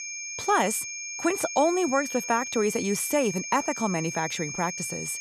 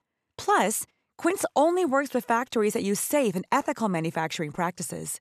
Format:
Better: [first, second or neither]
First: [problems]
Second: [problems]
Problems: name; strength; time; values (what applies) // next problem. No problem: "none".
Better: second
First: high-pitched whine; loud; throughout; 2.5 kHz, 6 dB below the speech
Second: none